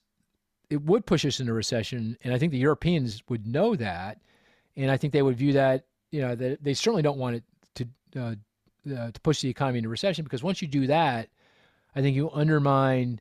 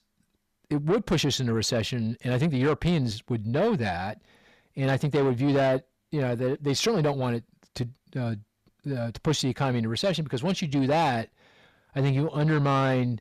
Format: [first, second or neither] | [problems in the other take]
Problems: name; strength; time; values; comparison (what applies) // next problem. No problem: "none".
first | distortion; slight; 10 dB below the speech